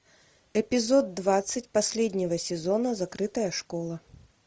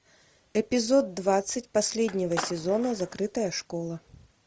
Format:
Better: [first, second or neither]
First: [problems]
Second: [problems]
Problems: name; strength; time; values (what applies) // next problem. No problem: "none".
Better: first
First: none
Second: background sound (Skateboard); 11 dB below the speech